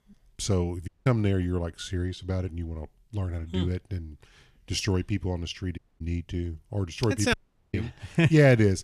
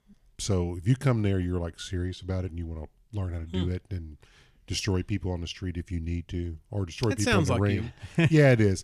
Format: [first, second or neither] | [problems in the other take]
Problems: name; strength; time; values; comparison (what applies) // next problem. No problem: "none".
second | audio cutting out; at 1 s, at 6 s and at 7.5 s